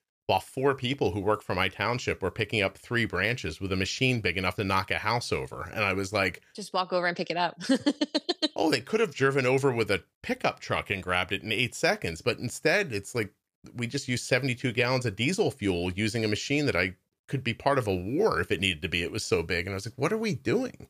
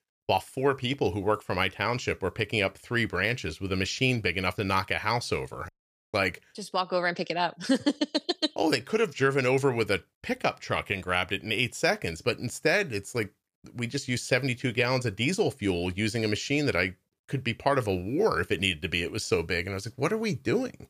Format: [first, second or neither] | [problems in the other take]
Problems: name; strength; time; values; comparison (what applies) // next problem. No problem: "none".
first | audio cutting out; at 5.5 s